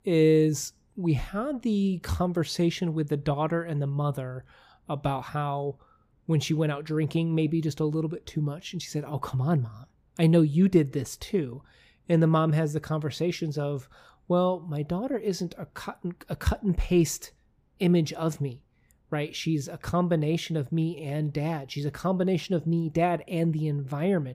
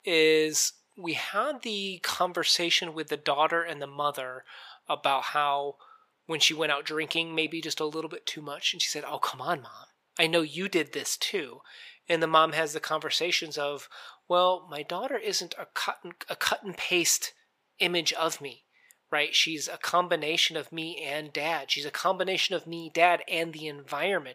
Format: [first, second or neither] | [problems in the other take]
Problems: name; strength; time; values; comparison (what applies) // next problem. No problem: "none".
first | thin; very; fading below 700 Hz